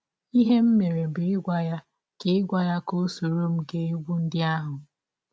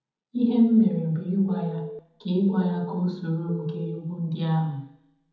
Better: first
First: none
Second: background sound (Telephone); 14 dB below the speech // room echo; dies away in 1 s

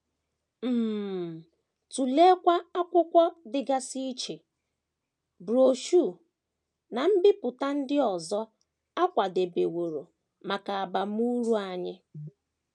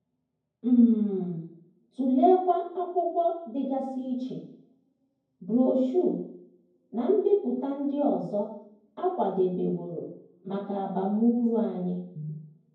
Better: first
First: none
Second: room echo; dies away in 0.9 s

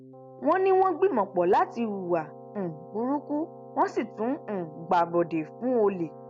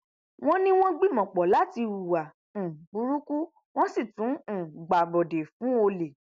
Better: second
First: background sound (Keyboard (musical)); 18 dB below the speech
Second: none

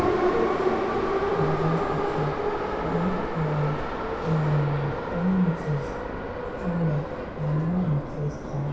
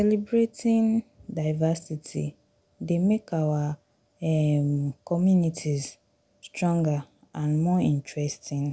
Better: second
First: background sound (Subway, metro, underground); 1 dB above the speech // room echo; dies away in 0.6 s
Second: none

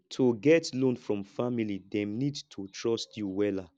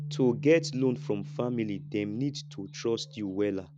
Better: first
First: none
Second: background sound (Bass guitar); 12 dB below the speech

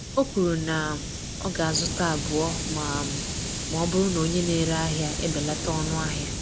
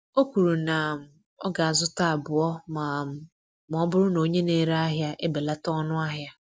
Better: second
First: background sound (Hiss); 3 dB below the speech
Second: none

